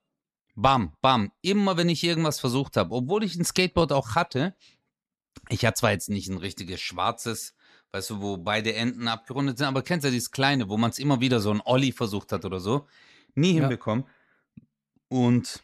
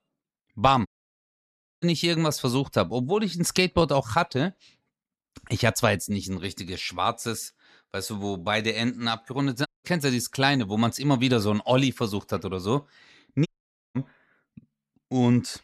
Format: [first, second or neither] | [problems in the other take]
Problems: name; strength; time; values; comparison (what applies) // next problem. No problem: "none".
first | audio cutting out; at 1 s for 1 s, at 9.5 s and at 13 s